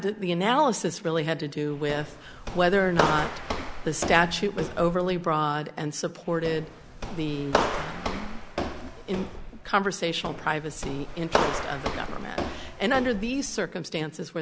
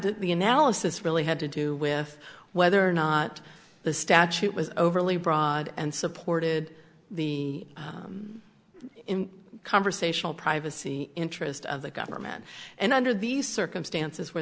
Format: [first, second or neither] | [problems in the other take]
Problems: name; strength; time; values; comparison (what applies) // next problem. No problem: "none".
second | background sound (Walk, footsteps); 4 dB below the speech